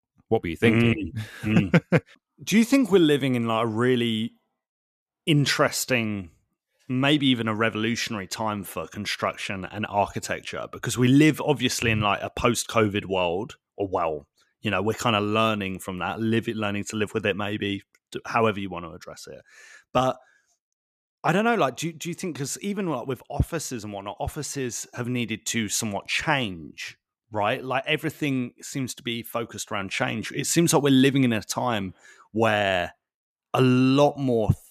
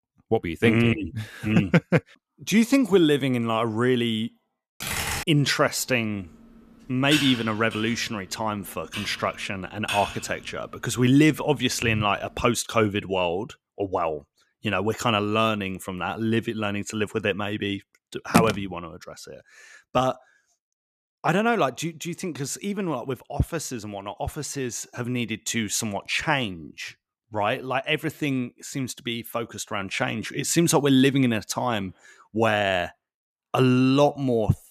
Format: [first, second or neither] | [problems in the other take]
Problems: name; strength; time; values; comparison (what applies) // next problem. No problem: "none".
first | keyboard typing; noticeable; at 5 s and from 7 to 10 s; peak 1 dB below the speech // phone ringing; loud; at 18 s; peak 1 dB above the speech